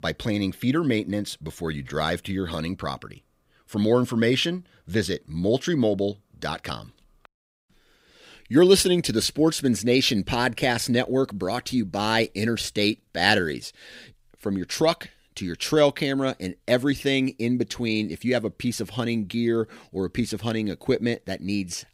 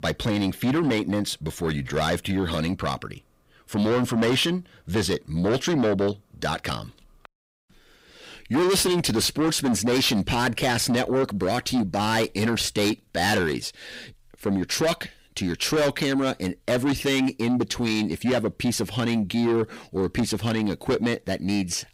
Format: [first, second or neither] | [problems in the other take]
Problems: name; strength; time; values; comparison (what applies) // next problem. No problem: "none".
first | distortion; heavy; 6 dB below the speech